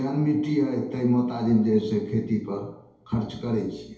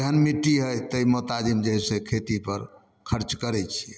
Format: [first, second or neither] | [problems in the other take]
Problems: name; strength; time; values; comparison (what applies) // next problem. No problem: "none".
second | room echo; dies away in 2.2 s